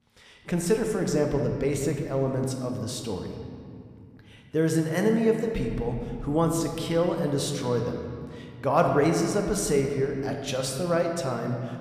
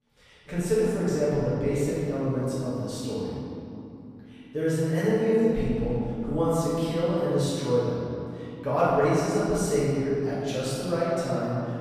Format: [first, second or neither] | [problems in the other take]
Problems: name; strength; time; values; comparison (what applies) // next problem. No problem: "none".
first | room echo; strong; dies away in 2.9 s; slight in the first // off-mic speech; far